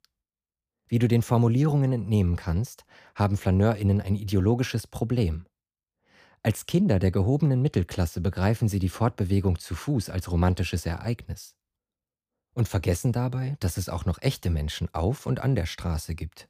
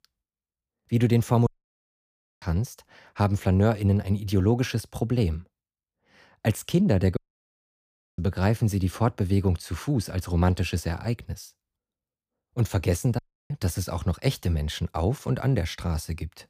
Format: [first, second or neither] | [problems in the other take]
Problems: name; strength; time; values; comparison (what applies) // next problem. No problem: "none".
first | audio cutting out; at 1.5 s for 1 s, at 7 s for 1 s and at 13 s